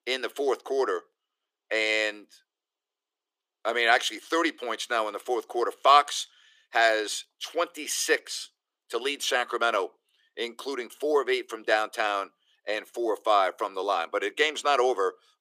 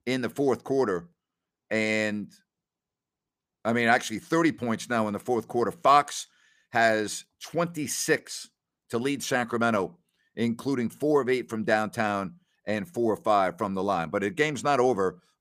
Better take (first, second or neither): second